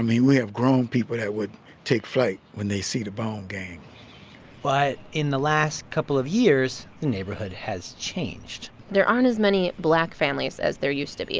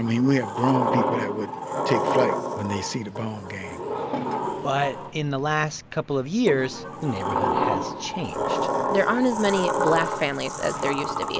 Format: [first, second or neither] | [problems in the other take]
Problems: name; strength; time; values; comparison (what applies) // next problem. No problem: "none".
first | background sound (Sliding door); 2 dB below the speech